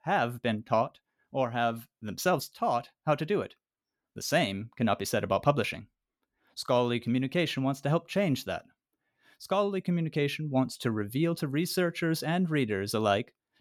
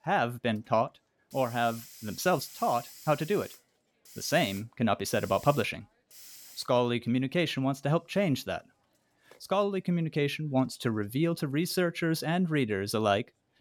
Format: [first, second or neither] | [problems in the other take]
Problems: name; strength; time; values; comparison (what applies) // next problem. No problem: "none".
first | hiss; noticeable; throughout; 20 dB below the speech